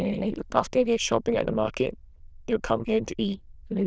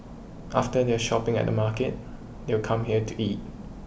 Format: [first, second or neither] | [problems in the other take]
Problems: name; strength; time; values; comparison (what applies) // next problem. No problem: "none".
second | noise reduction (neural diffusion model UNIVERSE++)